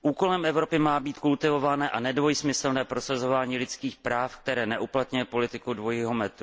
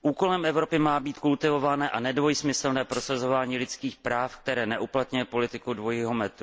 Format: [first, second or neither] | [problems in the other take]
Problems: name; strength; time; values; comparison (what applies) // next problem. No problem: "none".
first | background sound (Hi-hat); 19 dB below the speech